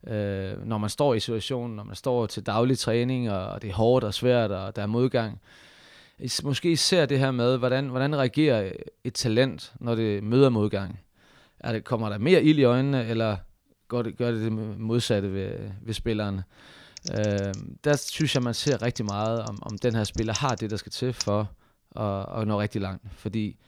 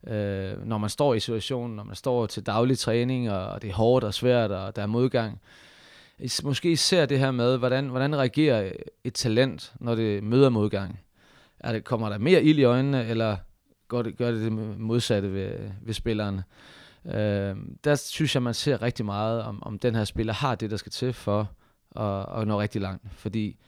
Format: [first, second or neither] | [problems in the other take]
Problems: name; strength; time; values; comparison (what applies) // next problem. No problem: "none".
second | keyboard typing; noticeable; from 17 to 21 s; peak 8 dB below the speech